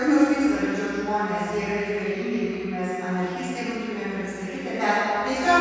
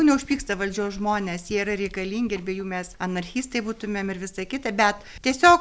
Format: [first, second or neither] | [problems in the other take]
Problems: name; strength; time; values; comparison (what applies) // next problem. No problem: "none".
second | room echo; dies away in 2.2 s